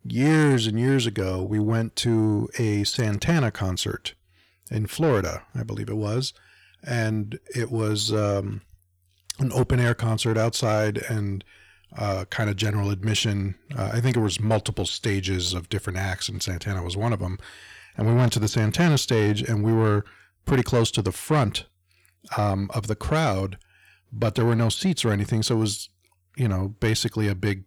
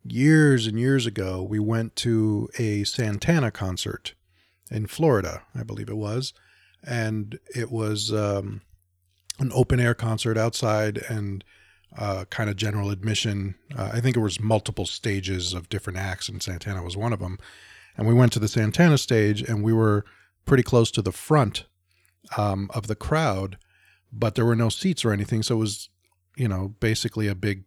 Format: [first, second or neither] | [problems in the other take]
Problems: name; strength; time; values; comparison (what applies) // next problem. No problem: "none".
second | distortion; slight; 10 dB below the speech